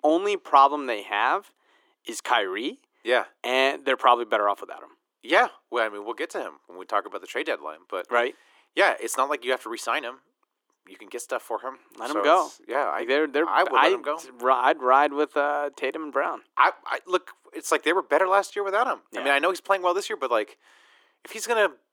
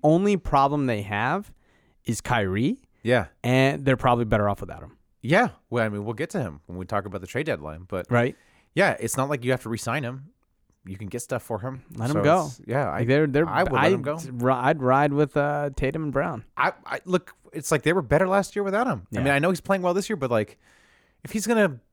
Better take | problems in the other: second | thin; very; fading below 300 Hz

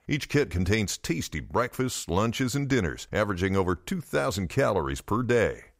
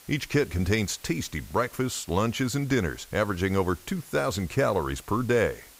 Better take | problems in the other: first | hiss; faint; throughout; 20 dB below the speech

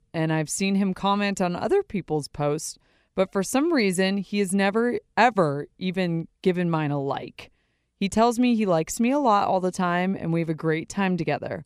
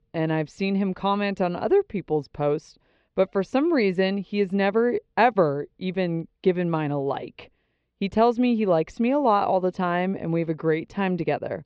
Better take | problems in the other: first | muffled; slightly; fading above 4 kHz

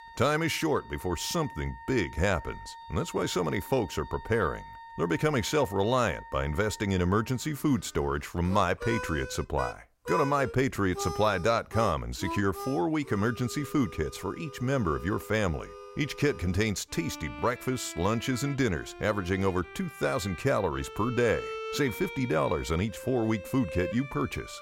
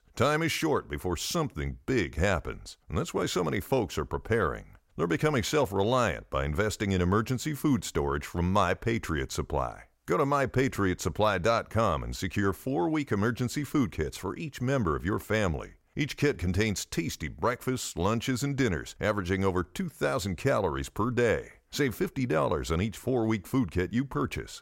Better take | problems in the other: second | background music; noticeable; throughout; 15 dB below the speech

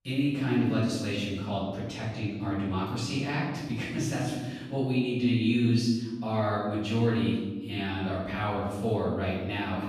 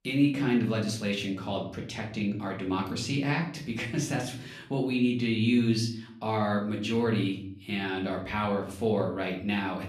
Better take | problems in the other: second | room echo; strong; dies away in 1.4 s; slight in the second // off-mic speech; far; far in the second

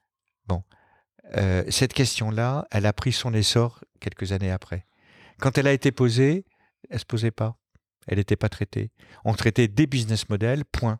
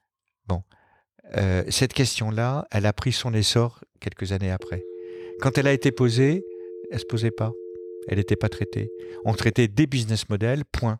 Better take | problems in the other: first | phone ringing; faint; from 4.5 to 9.5 s; peak 15 dB below the speech

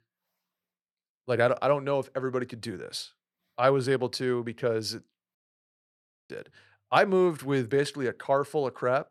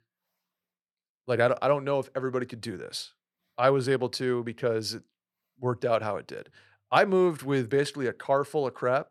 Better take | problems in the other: second | audio cutting out; at 5.5 s for 1 s

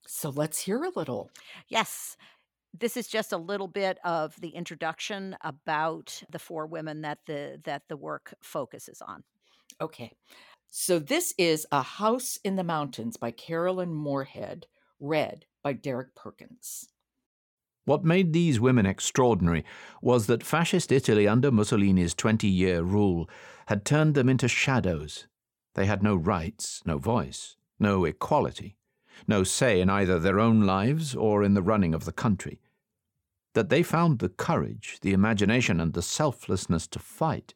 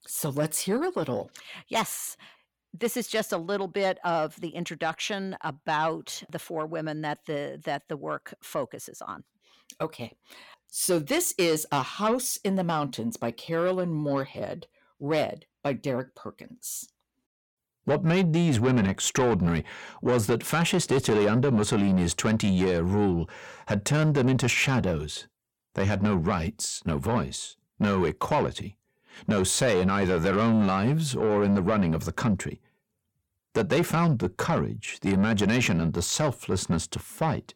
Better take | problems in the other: first | distortion; slight; 10 dB below the speech

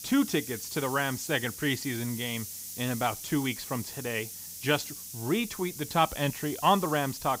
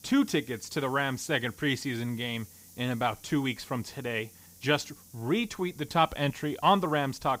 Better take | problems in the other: second | hiss; loud; throughout; 9 dB below the speech; faint in the second

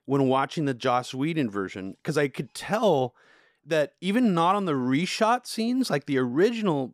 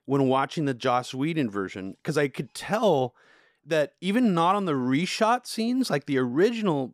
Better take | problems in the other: neither | none

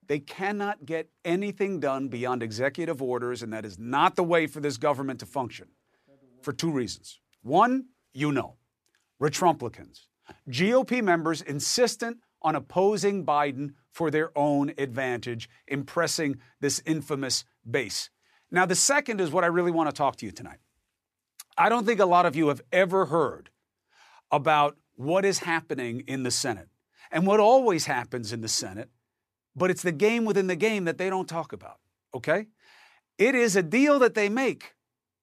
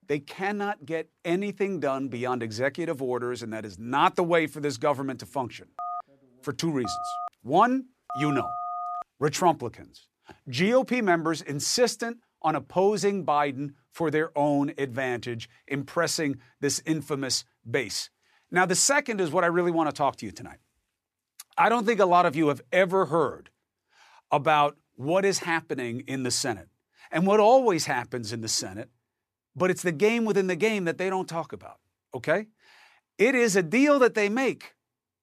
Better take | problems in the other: first | phone ringing; noticeable; from 6 to 9 s; peak 7 dB below the speech

